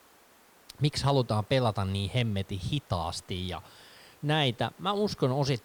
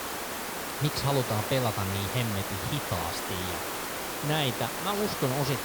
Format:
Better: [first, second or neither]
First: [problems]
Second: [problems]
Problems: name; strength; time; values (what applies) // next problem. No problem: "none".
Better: first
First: hiss; faint; throughout; 25 dB below the speech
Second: hiss; loud; throughout; 1 dB below the speech